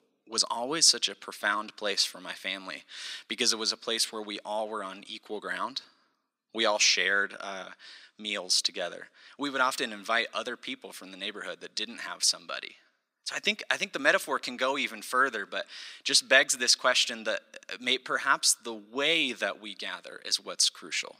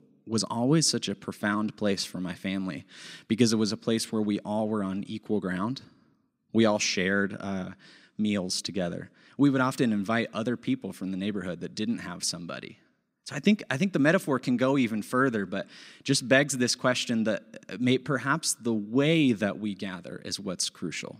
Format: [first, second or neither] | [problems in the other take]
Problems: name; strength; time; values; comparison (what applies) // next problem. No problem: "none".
second | thin; very; fading below 700 Hz